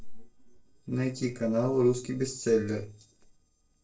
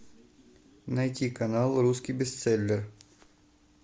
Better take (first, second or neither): second